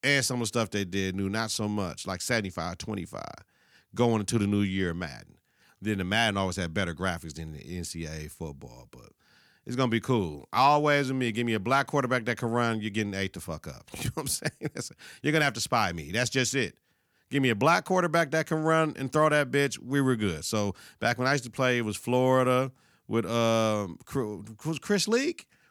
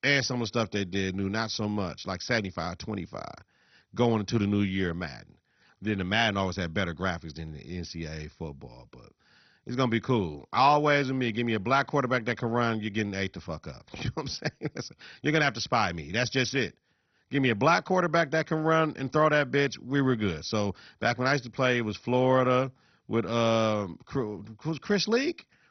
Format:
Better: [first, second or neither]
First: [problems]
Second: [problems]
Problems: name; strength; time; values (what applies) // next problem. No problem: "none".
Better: first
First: none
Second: garbled, watery; badly; nothing above 6 kHz